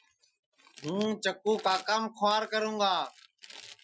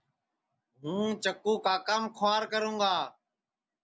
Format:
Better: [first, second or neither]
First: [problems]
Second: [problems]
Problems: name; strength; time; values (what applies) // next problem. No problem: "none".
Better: second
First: noise reduction (classical method Wiener filter)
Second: none